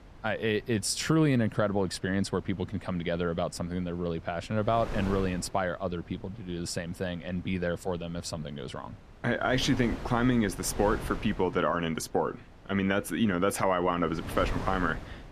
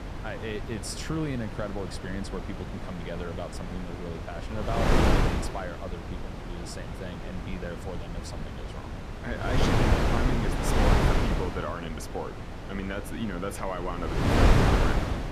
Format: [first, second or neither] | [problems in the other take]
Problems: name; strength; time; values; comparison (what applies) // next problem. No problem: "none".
first | wind noise on the microphone; heavy; 4 dB above the speech; occasional gusts in the first